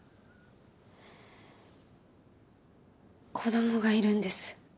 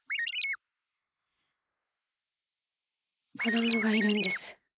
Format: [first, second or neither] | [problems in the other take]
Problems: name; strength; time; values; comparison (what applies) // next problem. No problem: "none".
first | noise reduction (neural mask model Resemble Enhance denoiser)